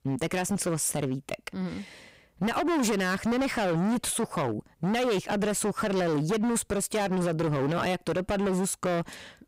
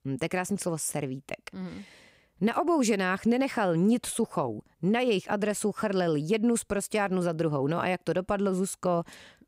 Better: second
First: distortion; heavy; 22% of the sound clipped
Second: none

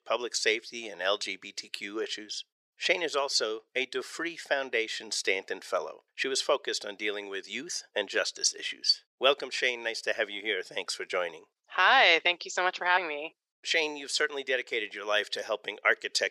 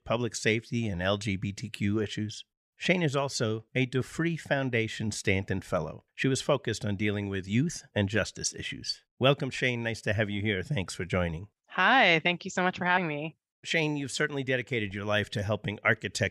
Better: second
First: thin; very; fading below 400 Hz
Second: none

